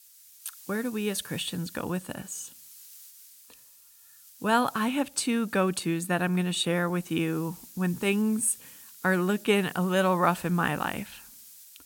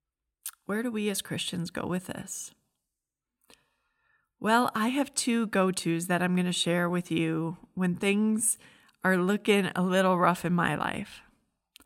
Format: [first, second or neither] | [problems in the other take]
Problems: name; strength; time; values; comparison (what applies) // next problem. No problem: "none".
second | hiss; noticeable; throughout; 20 dB below the speech